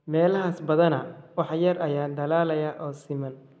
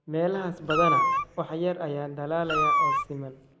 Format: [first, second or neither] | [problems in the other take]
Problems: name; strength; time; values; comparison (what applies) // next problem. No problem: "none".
first | background sound (Meow); 2 dB above the speech